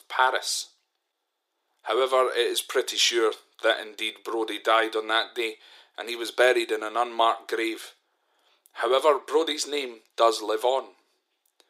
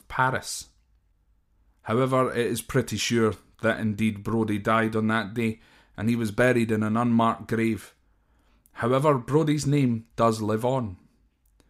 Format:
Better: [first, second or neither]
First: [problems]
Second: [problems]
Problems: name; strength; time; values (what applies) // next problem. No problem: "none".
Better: second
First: thin; very; fading below 350 Hz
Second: none